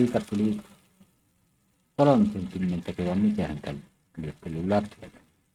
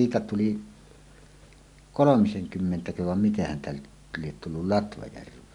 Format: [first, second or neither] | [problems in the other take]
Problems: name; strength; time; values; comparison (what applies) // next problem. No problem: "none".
second | noise reduction (neural mask model RNNoise)